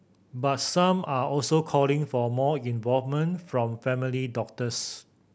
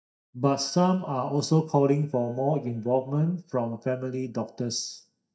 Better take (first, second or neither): first